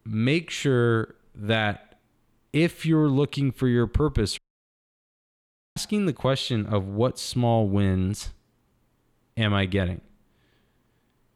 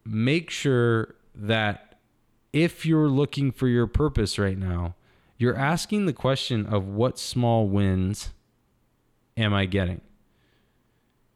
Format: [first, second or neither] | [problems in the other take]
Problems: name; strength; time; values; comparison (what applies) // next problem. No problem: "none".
second | audio cutting out; at 4.5 s for 1.5 s